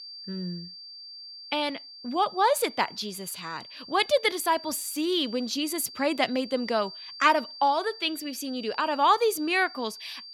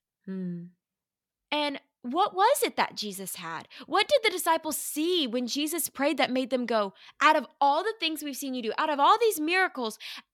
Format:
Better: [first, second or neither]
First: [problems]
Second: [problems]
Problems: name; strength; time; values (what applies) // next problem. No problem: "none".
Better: second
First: high-pitched whine; noticeable; throughout; 4.5 kHz, 15 dB below the speech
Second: none